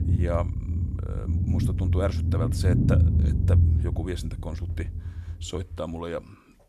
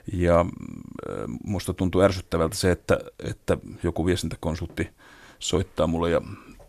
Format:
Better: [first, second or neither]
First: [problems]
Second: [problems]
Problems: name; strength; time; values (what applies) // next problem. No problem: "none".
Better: second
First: low rumble; loud; throughout; 3 dB below the speech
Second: none